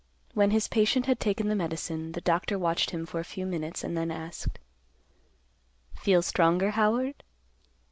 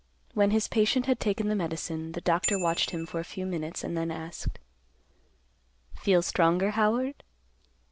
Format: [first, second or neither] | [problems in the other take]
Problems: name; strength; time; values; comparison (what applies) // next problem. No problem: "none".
first | background sound (Bicycle bell); 12 dB below the speech